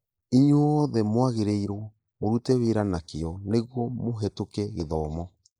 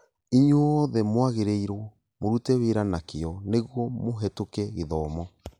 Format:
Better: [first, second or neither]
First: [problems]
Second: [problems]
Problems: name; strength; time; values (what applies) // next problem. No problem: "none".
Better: second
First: noise reduction (neural mask model Resemble Enhance denoiser)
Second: none